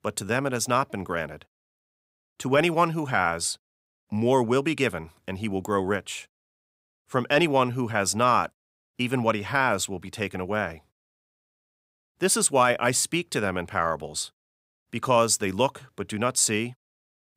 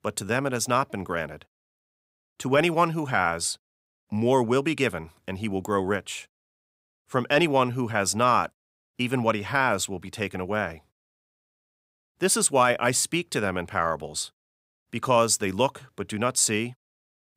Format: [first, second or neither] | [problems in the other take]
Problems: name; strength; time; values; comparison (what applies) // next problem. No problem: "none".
neither | none